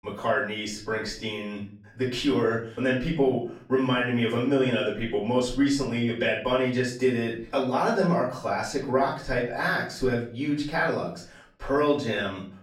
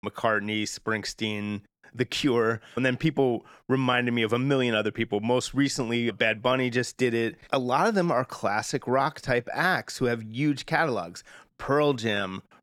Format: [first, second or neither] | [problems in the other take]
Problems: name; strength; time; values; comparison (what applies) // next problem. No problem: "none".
second | off-mic speech; far // room echo; slight; dies away in 0.4 s